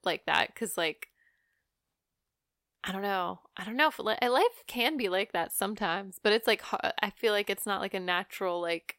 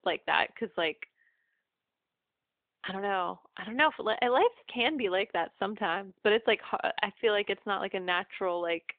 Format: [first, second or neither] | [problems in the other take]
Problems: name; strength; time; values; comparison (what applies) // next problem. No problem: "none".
first | phone-call audio